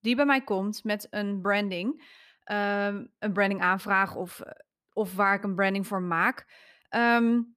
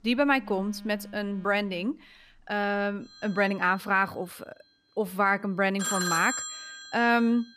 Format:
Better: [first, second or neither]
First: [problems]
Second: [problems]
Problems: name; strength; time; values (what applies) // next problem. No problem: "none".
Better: first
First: none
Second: alarms or sirens; loud; throughout; 8 dB below the speech